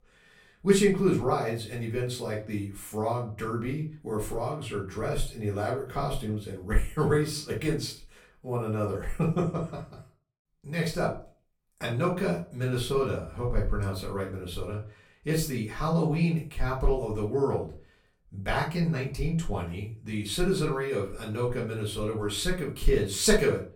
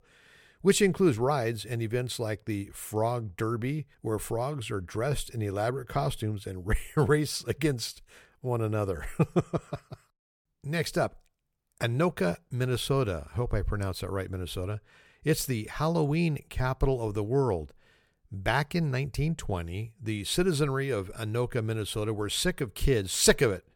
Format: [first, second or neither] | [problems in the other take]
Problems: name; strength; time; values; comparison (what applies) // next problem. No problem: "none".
second | room echo; slight; dies away in 0.3 s // off-mic speech; far